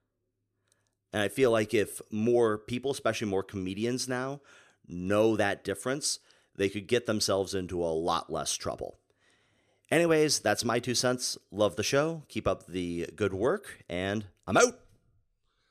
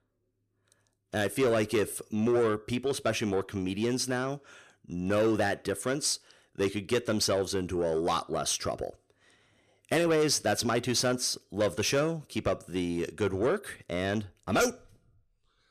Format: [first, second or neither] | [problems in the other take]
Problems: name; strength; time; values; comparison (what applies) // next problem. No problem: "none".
first | distortion; slight; 10 dB below the speech